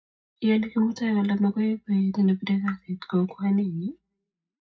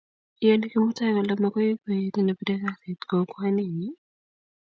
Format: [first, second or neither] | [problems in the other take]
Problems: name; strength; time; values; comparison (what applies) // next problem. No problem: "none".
second | room echo; dies away in 0.4 s